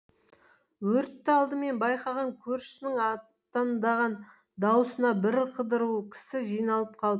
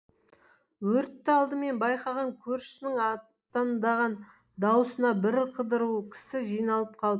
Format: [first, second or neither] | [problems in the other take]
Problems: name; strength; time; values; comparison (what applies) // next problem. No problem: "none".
first | noise reduction (neural mask model Resemble Enhance denoiser)